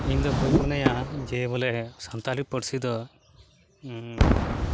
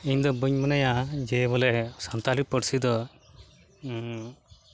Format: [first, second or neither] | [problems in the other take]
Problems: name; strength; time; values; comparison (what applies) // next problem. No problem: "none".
second | background sound (Whoosh, swoosh, swish / Fireworks); 2 dB above the speech